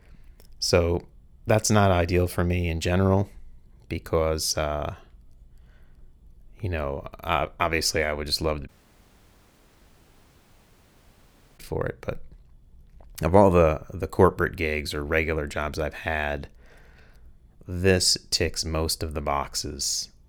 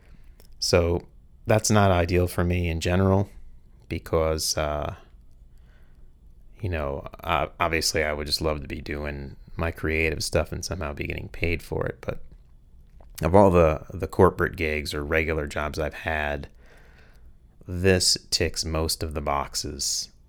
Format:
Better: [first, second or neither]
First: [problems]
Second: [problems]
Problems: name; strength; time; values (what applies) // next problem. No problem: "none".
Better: second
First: audio cutting out; at 8.5 s for 3 s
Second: none